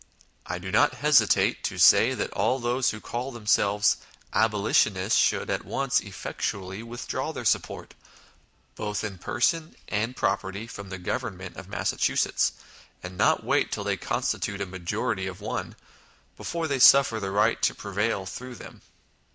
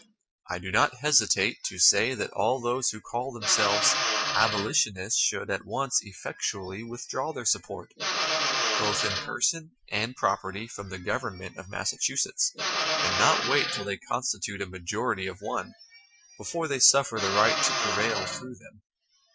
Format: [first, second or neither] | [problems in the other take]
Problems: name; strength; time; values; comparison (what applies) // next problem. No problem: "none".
first | noise reduction (classical method Wiener filter)